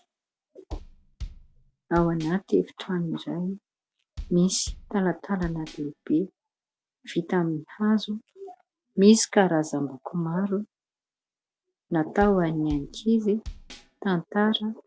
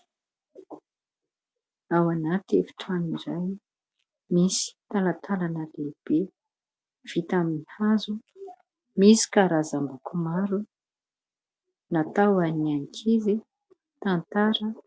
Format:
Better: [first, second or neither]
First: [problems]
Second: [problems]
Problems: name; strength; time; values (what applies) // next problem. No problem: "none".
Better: second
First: background sound (Bass drum); 14 dB below the speech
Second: none